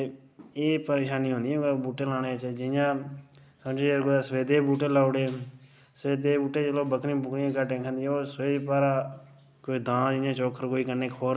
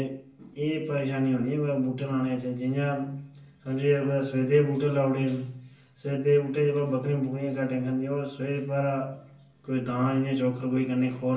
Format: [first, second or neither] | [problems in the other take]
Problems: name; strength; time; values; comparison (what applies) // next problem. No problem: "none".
first | room echo; dies away in 0.4 s